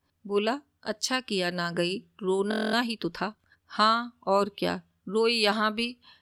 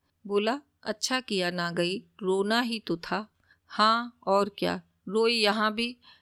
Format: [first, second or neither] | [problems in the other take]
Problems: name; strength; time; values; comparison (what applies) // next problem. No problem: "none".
second | audio freezing; at 2.5 s